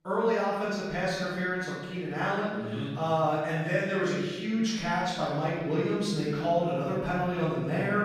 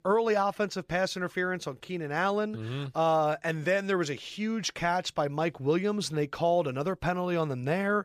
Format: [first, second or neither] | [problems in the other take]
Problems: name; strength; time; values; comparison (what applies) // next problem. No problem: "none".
second | off-mic speech; far // room echo; strong; dies away in 1.3 s